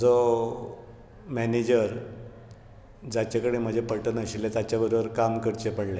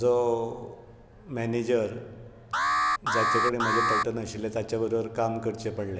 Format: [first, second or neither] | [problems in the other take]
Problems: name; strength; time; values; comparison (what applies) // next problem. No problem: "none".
first | background sound (Alarm); 4 dB above the speech